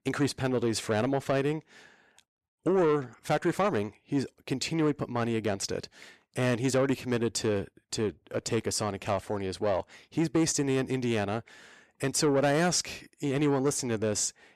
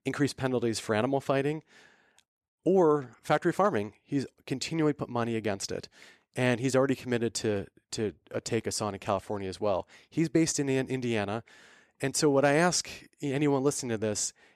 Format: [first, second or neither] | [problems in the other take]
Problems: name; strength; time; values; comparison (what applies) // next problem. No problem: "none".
second | distortion; slight; 10 dB below the speech